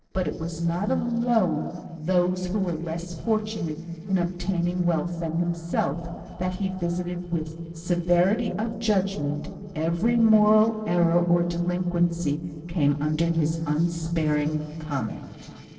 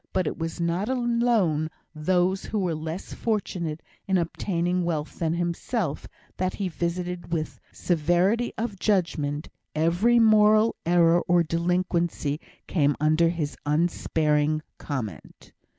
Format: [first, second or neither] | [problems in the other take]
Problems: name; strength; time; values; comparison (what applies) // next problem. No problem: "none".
second | noise reduction (neural separator model SepFormer DNS4)